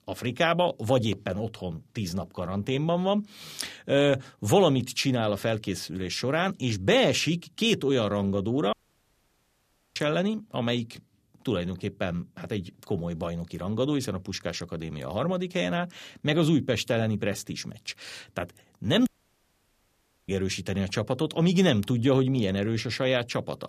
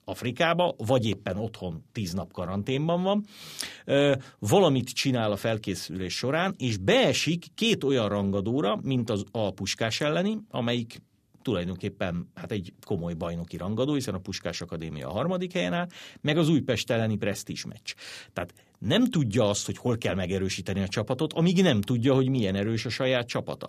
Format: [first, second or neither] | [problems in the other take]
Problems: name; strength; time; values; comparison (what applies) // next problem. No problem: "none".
second | audio cutting out; at 8.5 s for 1 s and at 19 s for 1 s